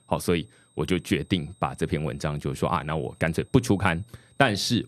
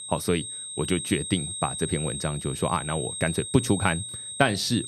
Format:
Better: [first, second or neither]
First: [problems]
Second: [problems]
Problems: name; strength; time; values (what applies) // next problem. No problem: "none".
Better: first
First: high-pitched whine; faint; throughout; 8.5 kHz, 35 dB below the speech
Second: high-pitched whine; loud; throughout; 8.5 kHz, 6 dB below the speech